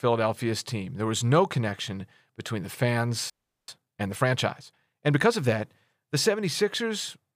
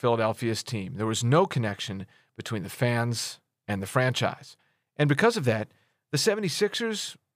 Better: second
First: audio freezing; at 3.5 s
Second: none

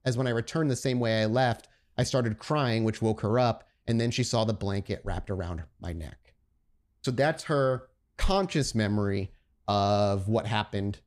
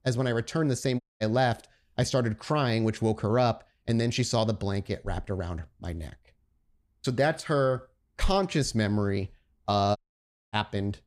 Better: first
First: none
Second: audio cutting out; at 1 s and at 10 s for 0.5 s

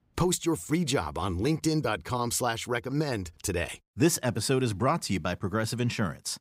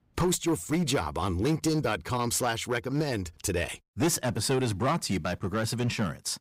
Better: first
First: none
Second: distortion; slight; 7% of the sound clipped

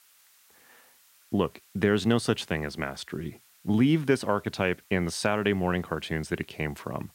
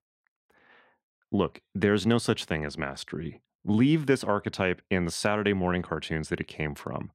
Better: second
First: hiss; faint; throughout; 30 dB below the speech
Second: none

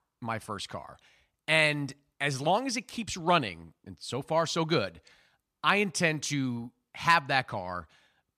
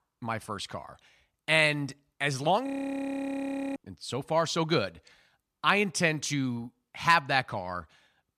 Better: first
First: none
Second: audio freezing; at 2.5 s for 1 s

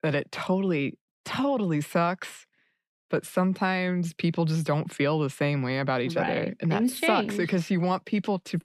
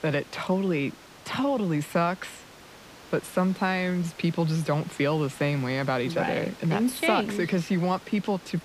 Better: first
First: none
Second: hiss; noticeable; throughout; 20 dB below the speech

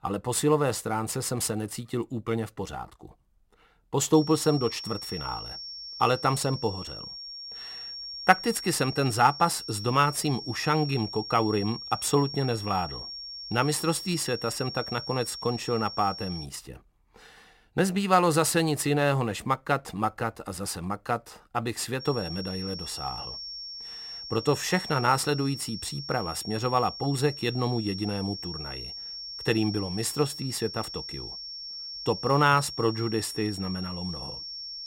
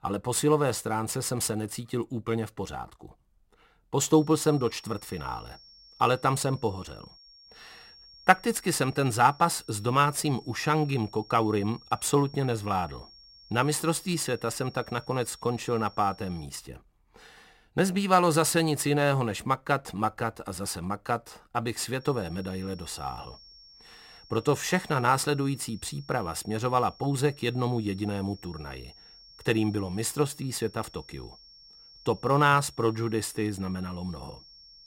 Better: second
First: high-pitched whine; loud; from 4 to 16 s and from 22 s on; 5.5 kHz, 9 dB below the speech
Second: high-pitched whine; faint; from 4 to 16 s and from 22 s on; 5.5 kHz, 25 dB below the speech

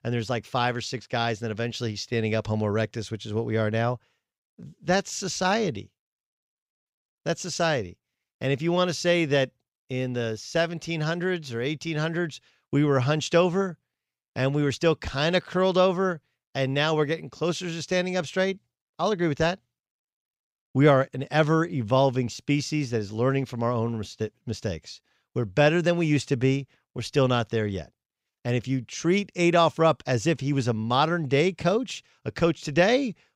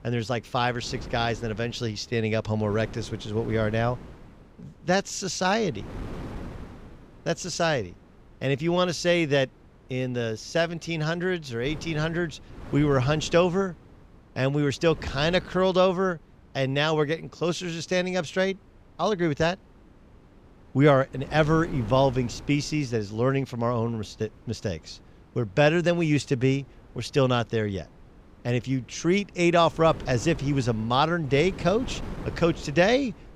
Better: first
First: none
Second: wind noise on the microphone; occasional gusts; 20 dB below the speech

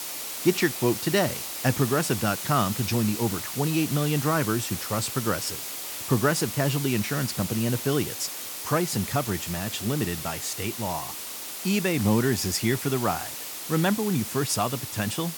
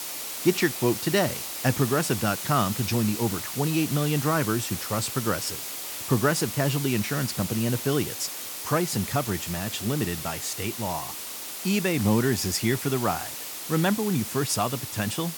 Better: neither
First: hiss; loud; throughout; 6 dB below the speech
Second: hiss; loud; throughout; 6 dB below the speech

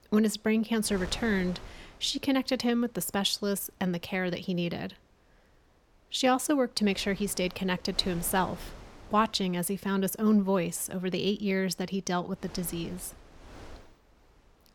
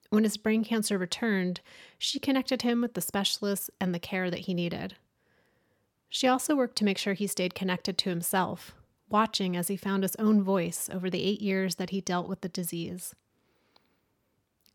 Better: second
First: wind noise on the microphone; occasional gusts; 20 dB below the speech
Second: none

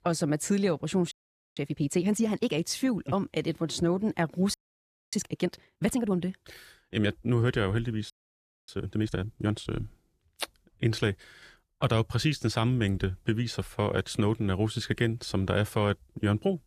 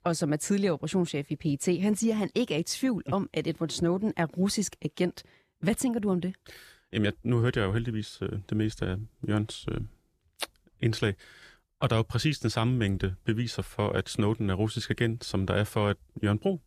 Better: second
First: audio freezing; at 1 s, at 4.5 s for 0.5 s and at 8 s for 0.5 s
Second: none

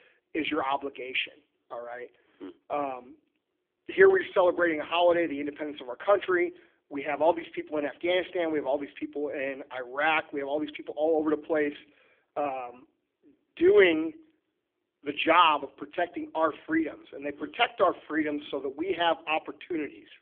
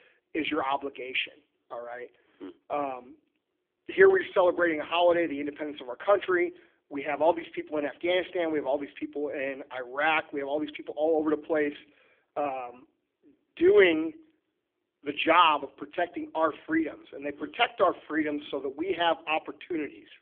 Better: neither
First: phone-call audio; poor line; nothing above 3.5 kHz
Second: phone-call audio; poor line; nothing above 3.5 kHz

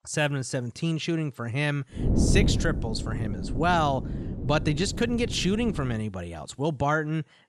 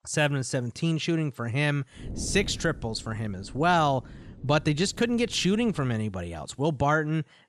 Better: second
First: wind noise on the microphone; heavy; from 2 to 6 s; 10 dB below the speech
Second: wind noise on the microphone; occasional gusts; from 2 to 6 s; 25 dB below the speech

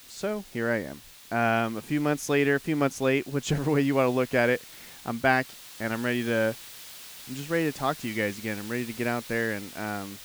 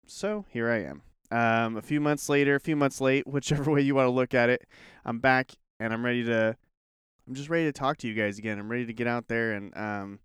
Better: second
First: hiss; noticeable; throughout; 15 dB below the speech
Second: none

